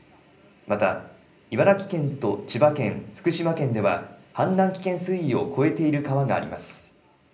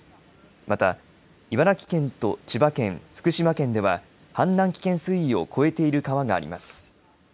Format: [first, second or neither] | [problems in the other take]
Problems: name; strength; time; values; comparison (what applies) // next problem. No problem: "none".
second | room echo; dies away in 0.5 s